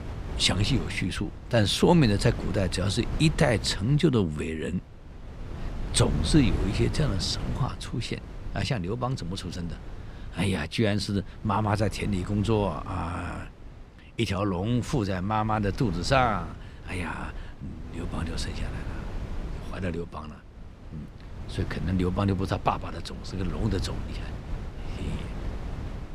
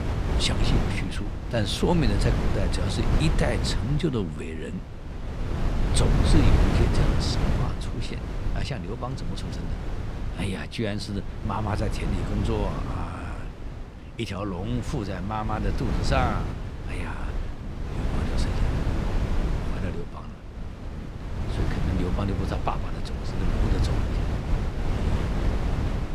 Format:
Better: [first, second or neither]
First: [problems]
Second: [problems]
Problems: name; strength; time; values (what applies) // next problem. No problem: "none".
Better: first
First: wind noise on the microphone; occasional gusts; 15 dB below the speech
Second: wind noise on the microphone; heavy; 3 dB below the speech